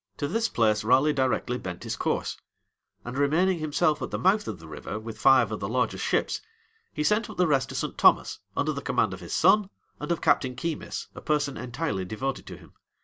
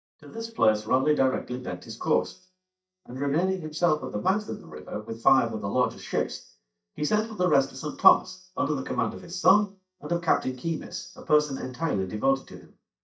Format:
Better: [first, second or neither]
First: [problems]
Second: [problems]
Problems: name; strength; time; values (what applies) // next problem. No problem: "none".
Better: first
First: none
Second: noise reduction (neural mask model DeepFilterNet 3)